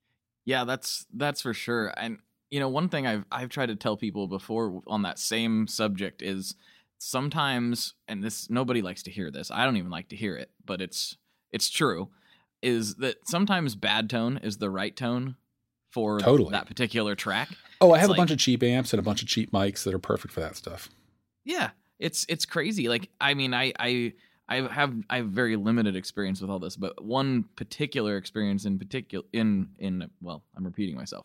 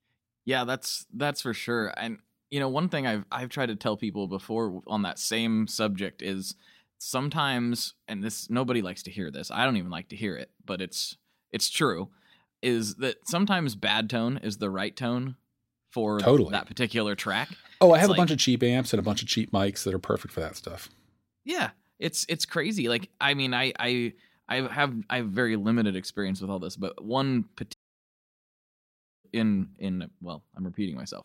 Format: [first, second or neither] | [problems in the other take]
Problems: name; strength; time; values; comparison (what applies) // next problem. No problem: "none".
first | audio cutting out; at 28 s for 1.5 s